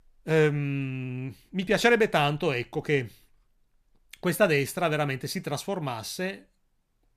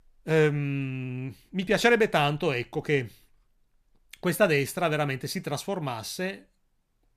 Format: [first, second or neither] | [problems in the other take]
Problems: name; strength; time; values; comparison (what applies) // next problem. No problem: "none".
neither | none